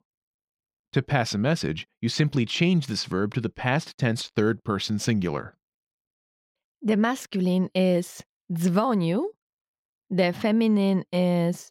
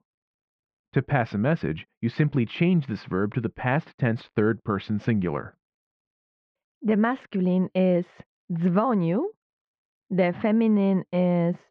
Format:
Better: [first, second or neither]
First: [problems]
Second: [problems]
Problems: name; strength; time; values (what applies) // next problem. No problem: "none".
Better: first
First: none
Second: muffled; very; fading above 2.5 kHz